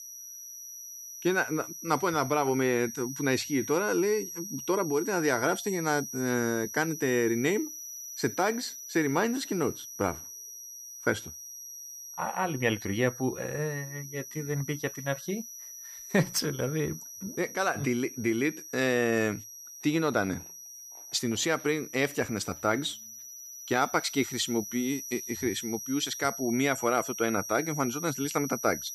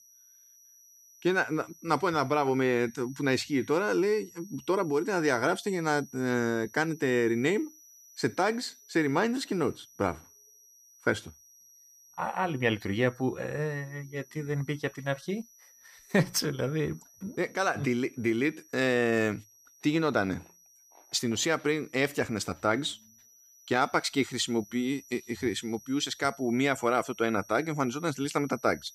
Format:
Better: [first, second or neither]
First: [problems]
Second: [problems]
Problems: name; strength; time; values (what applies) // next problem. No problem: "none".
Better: second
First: high-pitched whine; loud; throughout; 6 kHz, 10 dB below the speech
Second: high-pitched whine; faint; throughout; 6 kHz, 25 dB below the speech